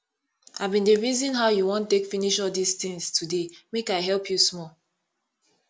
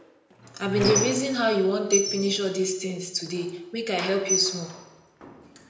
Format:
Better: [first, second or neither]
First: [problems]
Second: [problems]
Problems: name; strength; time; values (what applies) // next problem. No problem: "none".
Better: first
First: none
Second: background sound (Squeak); 6 dB below the speech // room echo; dies away in 0.8 s